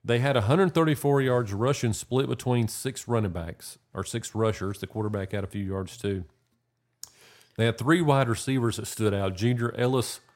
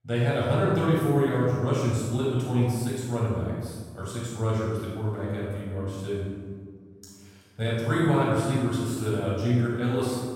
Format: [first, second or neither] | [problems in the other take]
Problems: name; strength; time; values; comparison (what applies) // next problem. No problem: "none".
first | off-mic speech; far // room echo; strong; dies away in 1.6 s